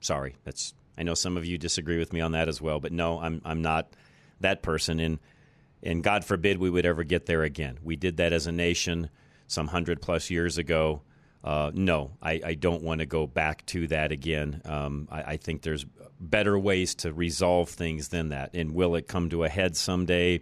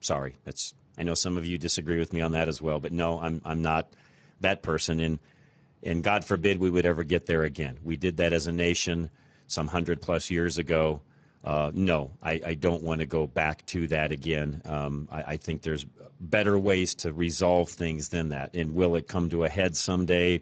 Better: first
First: none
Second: garbled, watery; badly; nothing above 7.5 kHz

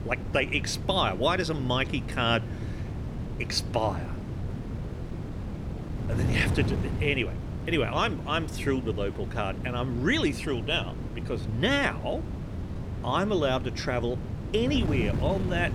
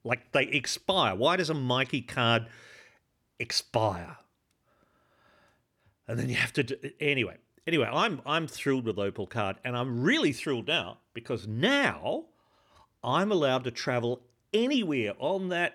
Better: second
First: wind noise on the microphone; occasional gusts; 15 dB below the speech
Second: none

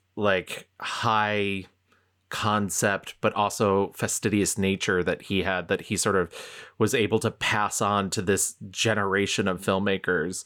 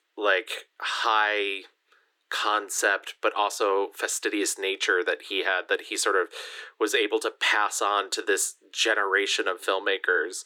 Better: first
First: none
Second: thin; very; fading below 300 Hz

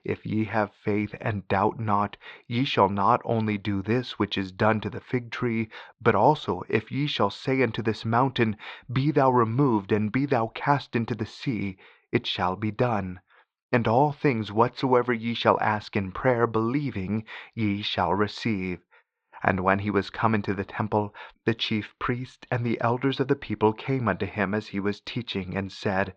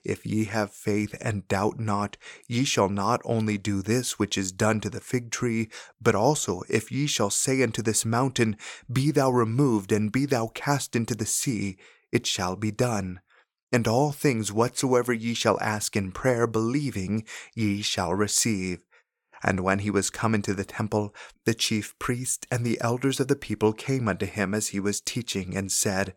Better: second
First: muffled; very; fading above 4 kHz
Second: none

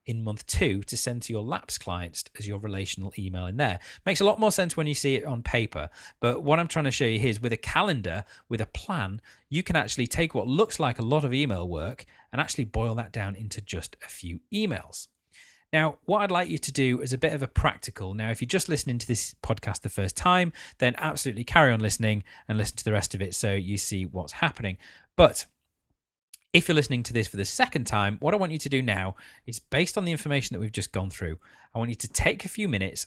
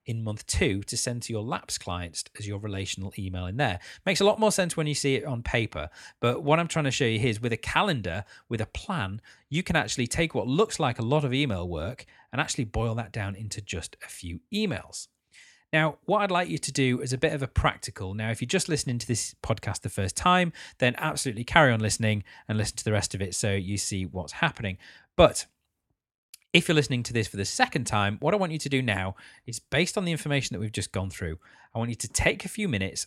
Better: second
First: garbled, watery; slightly; nothing above 17 kHz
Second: none

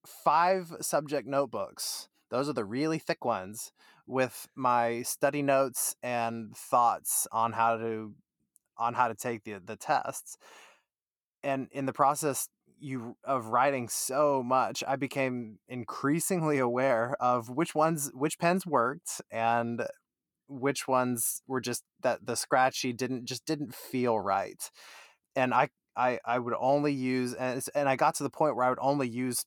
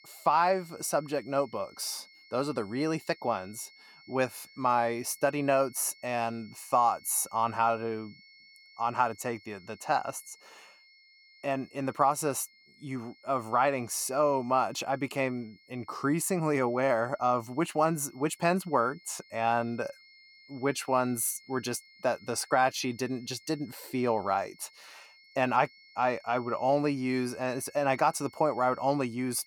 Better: first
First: none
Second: high-pitched whine; faint; throughout; 2 kHz, 25 dB below the speech

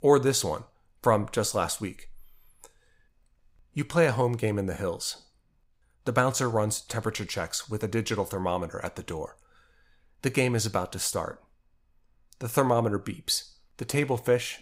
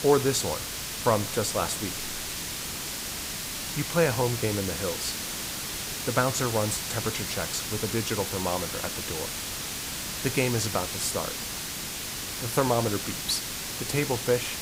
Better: first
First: none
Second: hiss; loud; throughout; 2 dB below the speech

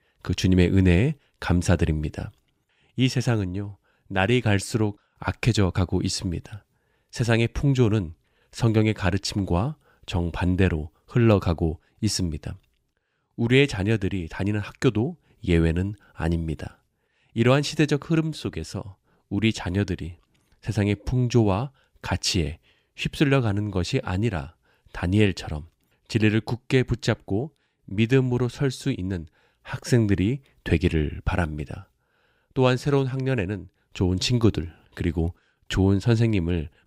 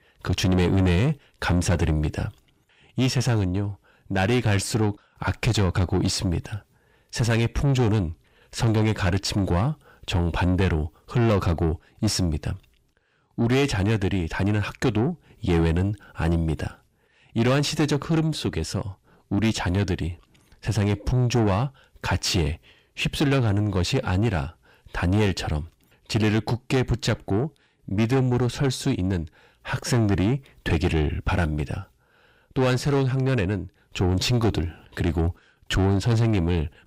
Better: first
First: none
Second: distortion; heavy; 7 dB below the speech

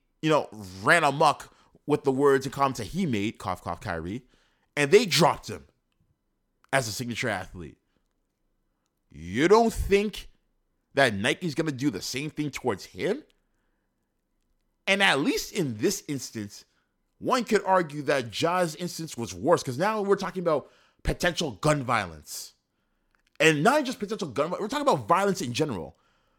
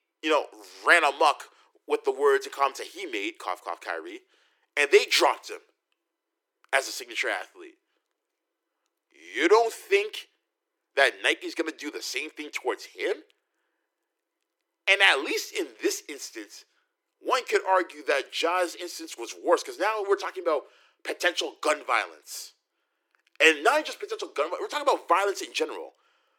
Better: first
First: none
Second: thin; very; fading below 350 Hz

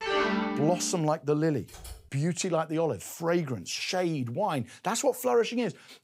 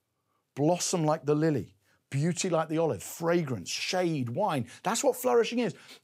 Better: second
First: phone ringing; loud; at the start; peak 2 dB above the speech // keyboard typing; faint; at 1.5 s; peak 15 dB below the speech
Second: none

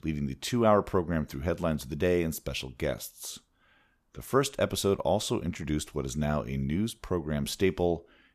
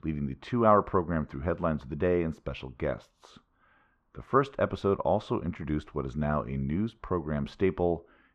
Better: first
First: none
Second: muffled; very; fading above 2 kHz

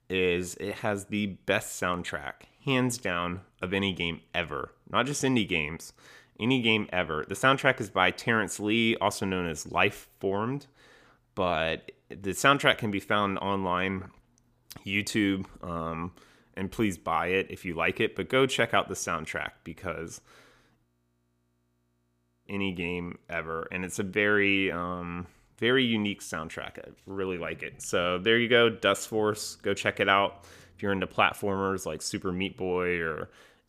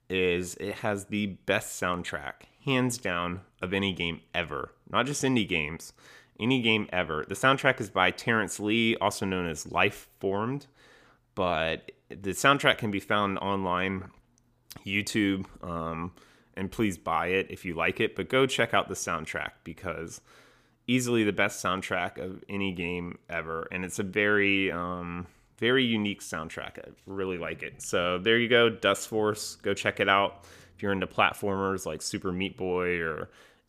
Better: second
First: audio freezing; at 21 s for 1.5 s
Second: none

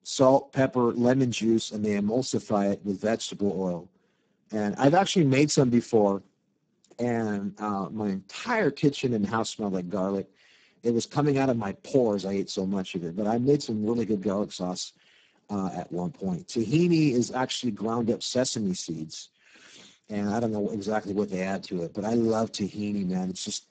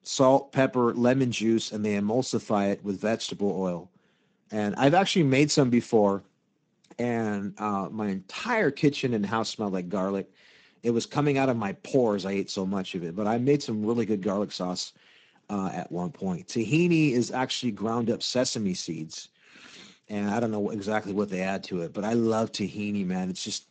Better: second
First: garbled, watery; badly; nothing above 7.5 kHz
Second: garbled, watery; slightly; nothing above 8 kHz

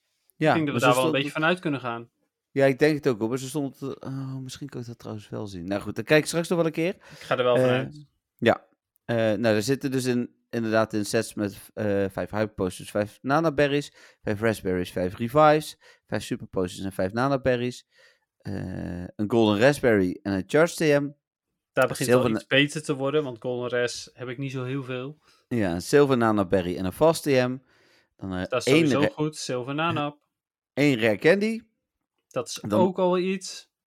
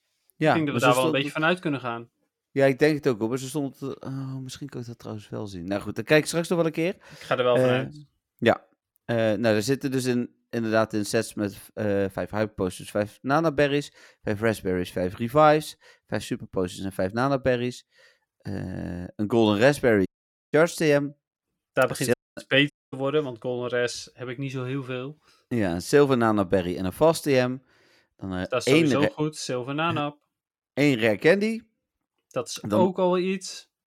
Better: first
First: none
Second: audio cutting out; at 20 s, at 22 s and at 23 s

